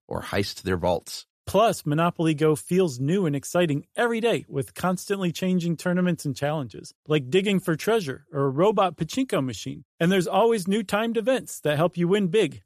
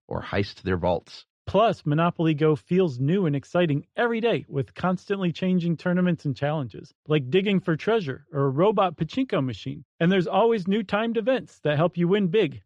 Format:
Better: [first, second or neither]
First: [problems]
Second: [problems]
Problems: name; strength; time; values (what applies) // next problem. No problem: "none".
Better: first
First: none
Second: muffled; slightly; fading above 4 kHz